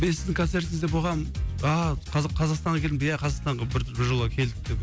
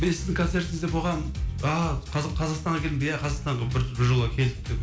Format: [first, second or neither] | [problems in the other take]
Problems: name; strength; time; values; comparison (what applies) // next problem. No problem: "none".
first | room echo; dies away in 0.4 s